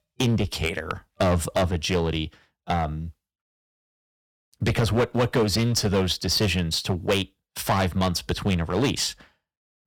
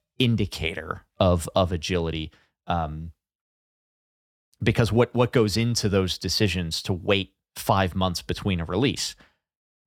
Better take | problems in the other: second | distortion; heavy; 7% of the sound clipped

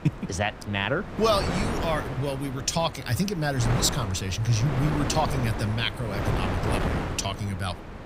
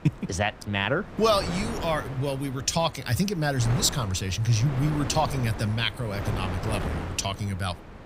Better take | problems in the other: second | wind noise on the microphone; heavy; 5 dB below the speech; occasional gusts in the second

